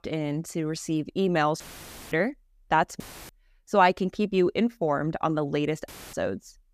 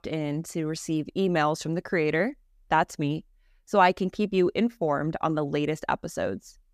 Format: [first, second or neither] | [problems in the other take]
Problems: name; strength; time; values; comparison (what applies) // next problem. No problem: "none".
second | audio cutting out; filled with static; at 1.5 s for 0.5 s, at 3 s and at 6 s